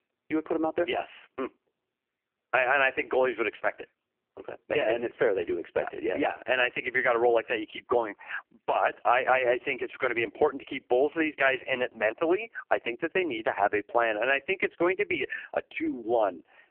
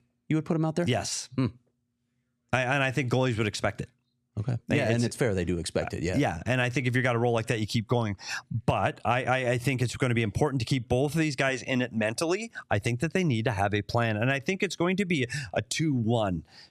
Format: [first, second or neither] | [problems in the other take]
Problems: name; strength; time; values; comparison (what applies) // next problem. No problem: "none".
second | phone-call audio; poor line; nothing above 3 kHz